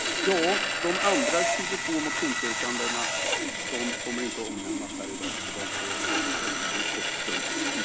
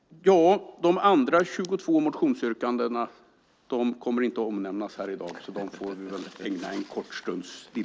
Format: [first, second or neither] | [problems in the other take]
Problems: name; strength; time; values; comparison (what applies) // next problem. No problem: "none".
second | background sound (Sawing); 4 dB above the speech